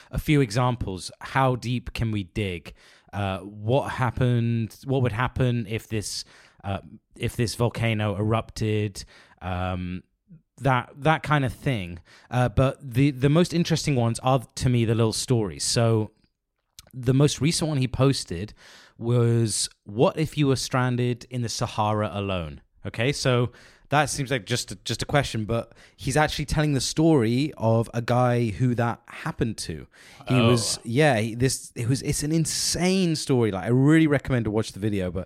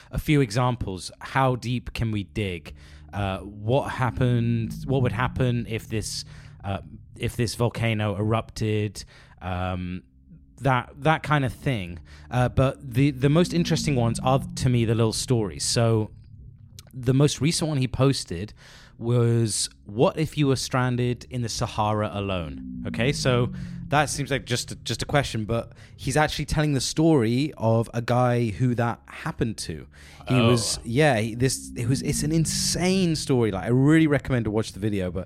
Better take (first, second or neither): first